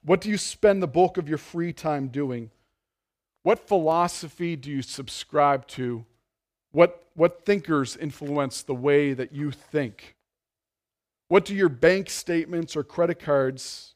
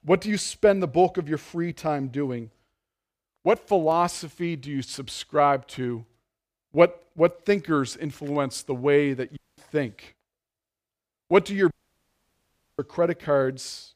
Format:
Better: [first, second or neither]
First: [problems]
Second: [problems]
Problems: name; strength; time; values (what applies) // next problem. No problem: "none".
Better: first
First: none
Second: audio cutting out; at 9.5 s and at 12 s for 1 s